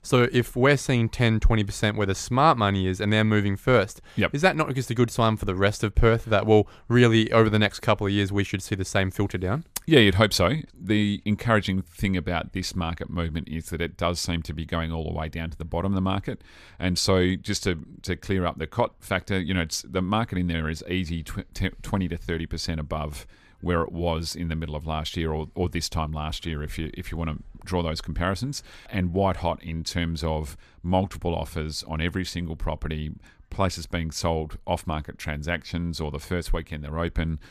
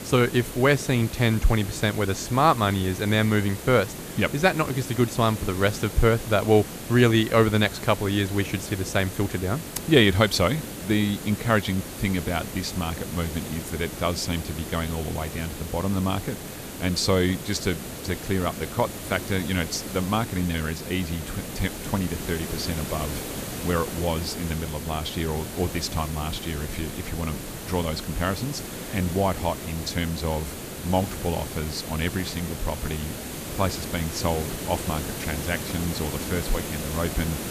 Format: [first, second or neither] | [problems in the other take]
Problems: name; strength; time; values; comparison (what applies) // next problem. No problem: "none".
first | hiss; loud; throughout; 9 dB below the speech